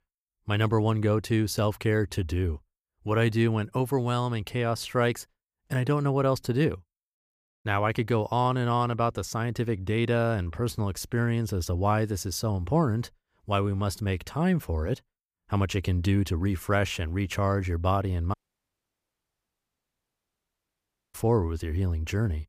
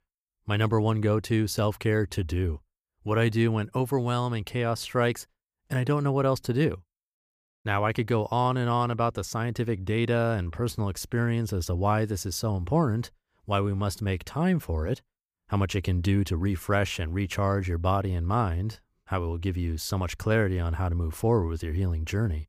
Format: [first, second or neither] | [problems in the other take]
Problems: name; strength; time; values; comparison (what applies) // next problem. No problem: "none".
second | audio cutting out; at 18 s for 3 s